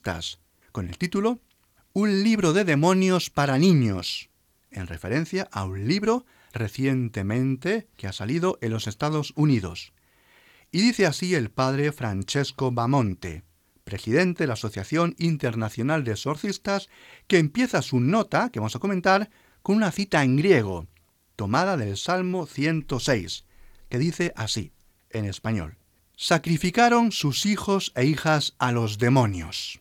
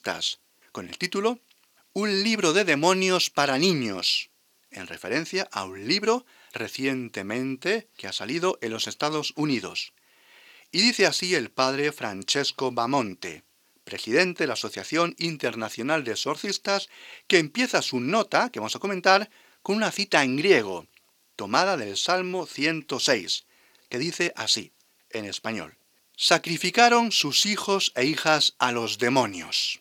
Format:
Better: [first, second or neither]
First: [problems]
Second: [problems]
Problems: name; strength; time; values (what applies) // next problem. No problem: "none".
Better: first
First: none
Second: thin; somewhat; fading below 300 Hz